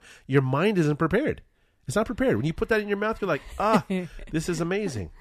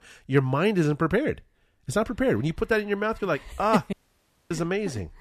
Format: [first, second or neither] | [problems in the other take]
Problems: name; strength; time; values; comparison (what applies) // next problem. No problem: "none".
first | audio cutting out; at 4 s for 0.5 s